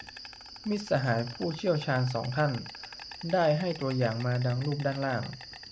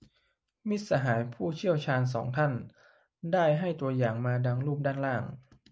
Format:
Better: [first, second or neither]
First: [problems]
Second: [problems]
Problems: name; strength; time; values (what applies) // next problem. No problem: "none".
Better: second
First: background sound (Insect); 15 dB below the speech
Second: none